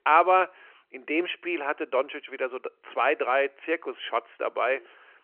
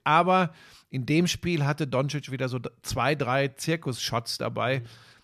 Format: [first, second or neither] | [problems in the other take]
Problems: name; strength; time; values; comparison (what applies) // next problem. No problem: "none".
second | phone-call audio; nothing above 3 kHz